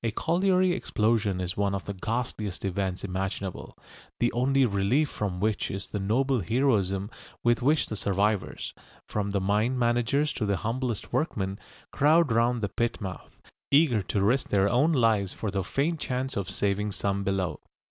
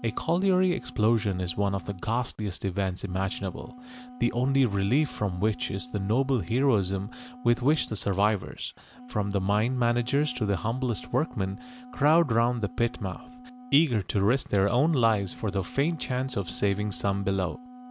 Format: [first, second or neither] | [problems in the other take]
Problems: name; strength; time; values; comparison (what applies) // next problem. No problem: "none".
first | background sound (Wind instrument, woodwind instrument); 19 dB below the speech